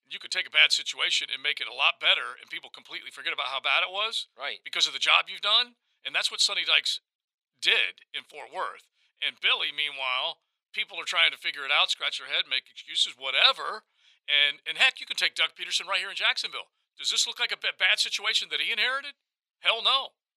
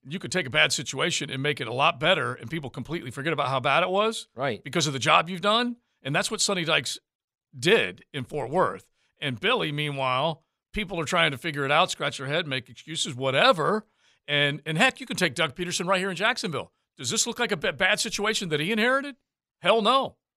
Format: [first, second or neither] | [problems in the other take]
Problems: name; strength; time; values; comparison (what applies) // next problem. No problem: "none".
second | thin; very; fading below 800 Hz